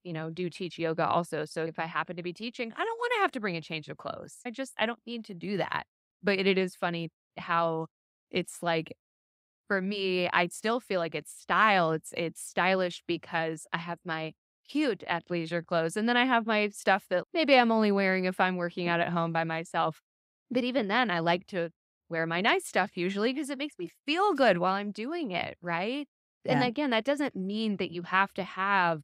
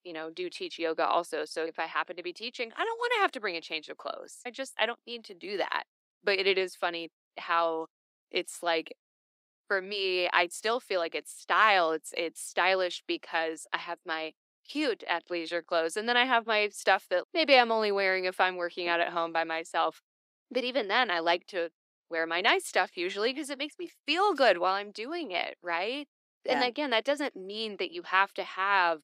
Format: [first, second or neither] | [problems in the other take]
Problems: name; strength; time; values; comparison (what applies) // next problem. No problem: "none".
first | thin; somewhat; fading below 300 Hz